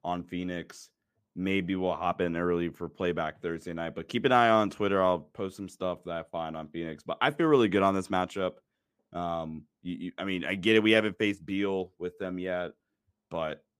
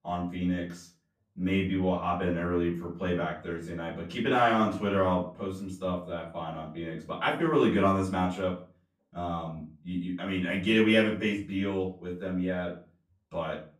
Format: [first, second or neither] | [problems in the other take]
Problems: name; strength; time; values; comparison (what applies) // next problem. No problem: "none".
first | off-mic speech; far // room echo; slight; dies away in 0.3 s